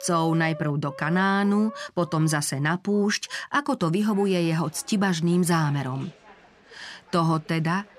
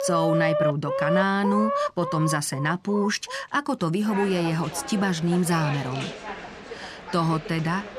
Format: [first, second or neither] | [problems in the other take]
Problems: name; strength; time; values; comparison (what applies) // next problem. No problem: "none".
first | animal sounds; loud; throughout; 5 dB below the speech; faint in the first